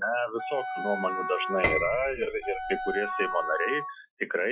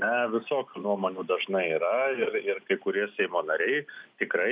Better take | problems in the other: second | noise reduction (classical method Wiener filter)

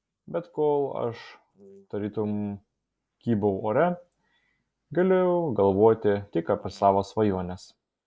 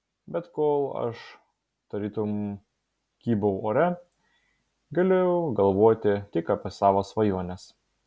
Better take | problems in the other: second | noise reduction (neural mask model Resemble Enhance denoiser)

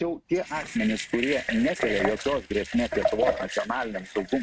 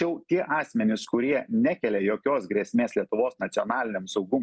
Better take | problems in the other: second | noise reduction (neural mask model RNNoise)

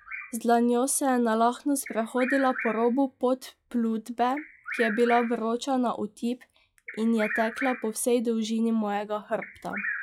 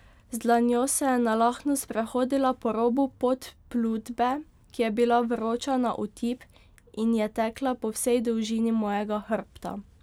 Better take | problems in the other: second | noise reduction (classical method log-MMSE)

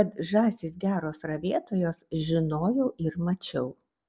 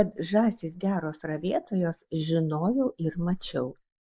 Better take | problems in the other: first | noise reduction (neural mask model Resemble Enhance denoiser)

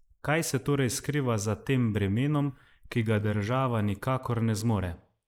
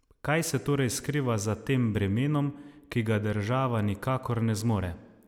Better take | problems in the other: second | noise reduction (neural mask model Resemble Enhance denoiser)

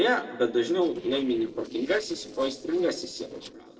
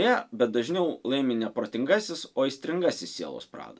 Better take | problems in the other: second | noise reduction (neural separator model SepFormer DNS4)

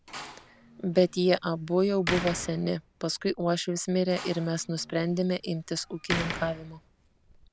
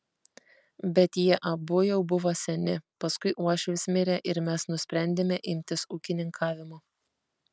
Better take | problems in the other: second | background sound (Slam); 11 dB below the speech

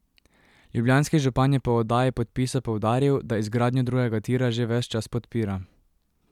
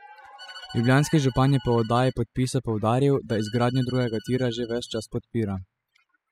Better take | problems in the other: first | noise reduction (classical method spectral subtraction)

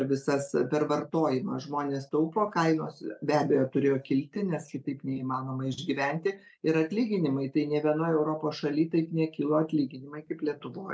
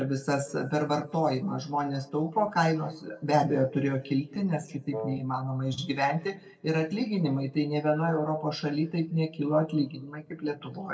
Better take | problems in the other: first | background sound (Wind instrument, woodwind instrument); 9 dB below the speech // room echo; dies away in 1.1 s

